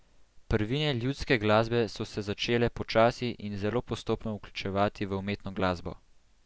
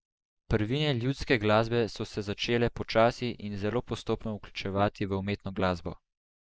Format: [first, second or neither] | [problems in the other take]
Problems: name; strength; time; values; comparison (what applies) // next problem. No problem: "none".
first | noise reduction (neural mask model Resemble Enhance denoiser)